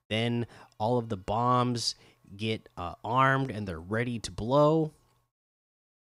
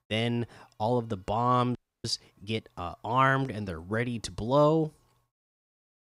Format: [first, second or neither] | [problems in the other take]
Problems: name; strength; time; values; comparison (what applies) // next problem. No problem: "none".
first | audio freezing; at 2 s